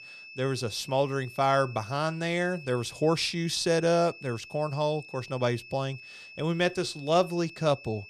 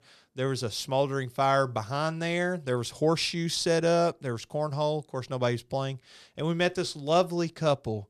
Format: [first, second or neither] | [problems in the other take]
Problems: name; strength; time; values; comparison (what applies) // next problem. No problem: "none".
second | high-pitched whine; noticeable; throughout; 2.5 kHz, 15 dB below the speech